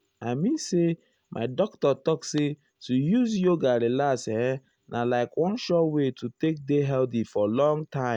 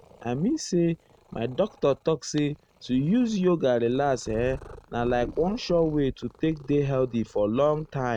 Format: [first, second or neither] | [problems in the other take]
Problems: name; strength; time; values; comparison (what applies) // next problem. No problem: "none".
first | noise reduction (neural mask model RNNoise)